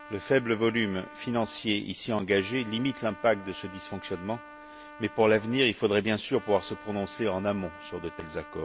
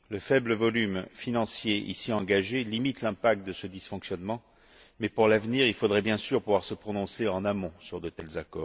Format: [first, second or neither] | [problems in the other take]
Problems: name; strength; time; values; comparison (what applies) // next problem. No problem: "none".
second | background sound (Trumpet); 18 dB below the speech